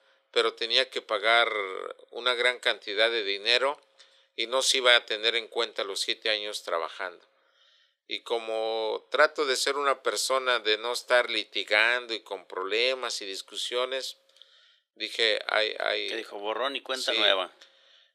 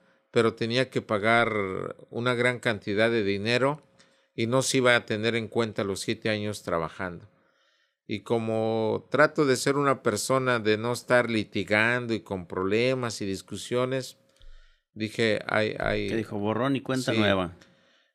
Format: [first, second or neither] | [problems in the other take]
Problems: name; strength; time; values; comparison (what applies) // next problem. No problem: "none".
second | thin; very; fading below 450 Hz